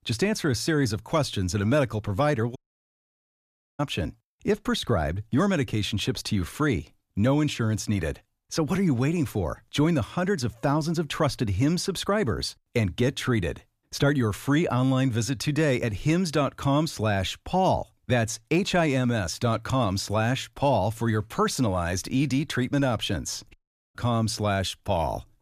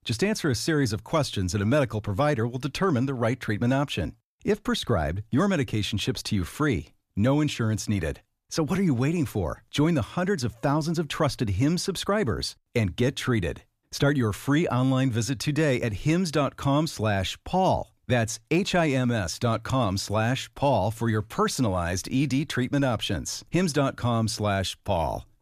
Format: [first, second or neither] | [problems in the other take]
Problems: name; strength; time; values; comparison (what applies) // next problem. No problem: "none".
second | audio cutting out; at 2.5 s for 1 s and at 24 s